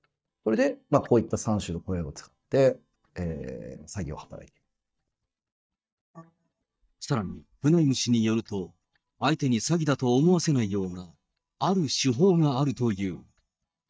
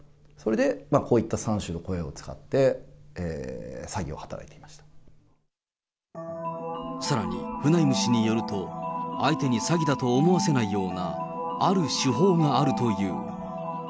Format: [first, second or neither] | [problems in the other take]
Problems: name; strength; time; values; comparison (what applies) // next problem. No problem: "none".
second | noise reduction (neural mask model DeepFilterNet 3)